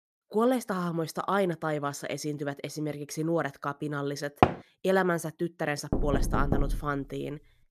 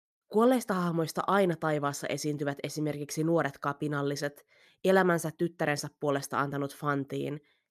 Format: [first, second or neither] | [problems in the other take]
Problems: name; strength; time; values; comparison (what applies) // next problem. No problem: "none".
second | door banging; loud; at 4.5 s and at 6 s; peak 5 dB above the speech